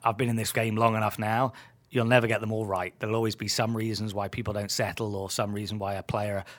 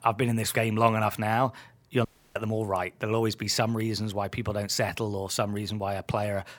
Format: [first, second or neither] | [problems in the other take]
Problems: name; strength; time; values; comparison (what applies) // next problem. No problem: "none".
first | audio cutting out; at 2 s